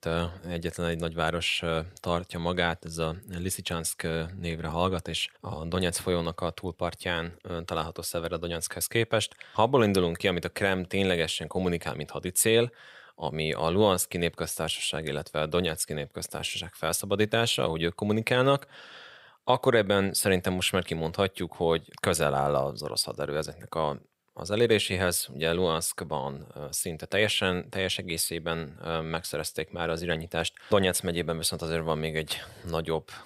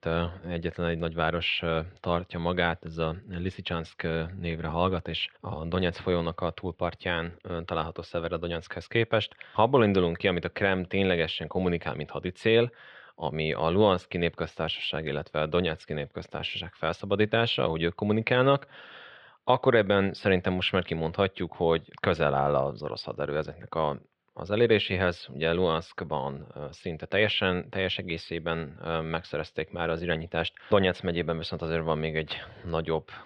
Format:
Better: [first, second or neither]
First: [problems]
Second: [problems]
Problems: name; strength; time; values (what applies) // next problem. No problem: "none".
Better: first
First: none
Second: muffled; slightly; fading above 3.5 kHz